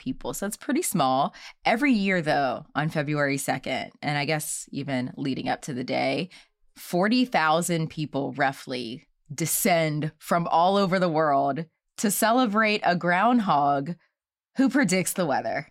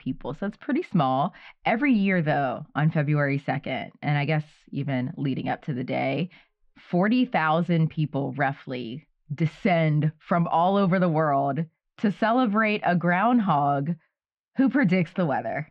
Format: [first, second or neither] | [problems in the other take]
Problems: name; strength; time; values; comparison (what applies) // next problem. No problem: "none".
first | muffled; very; fading above 3 kHz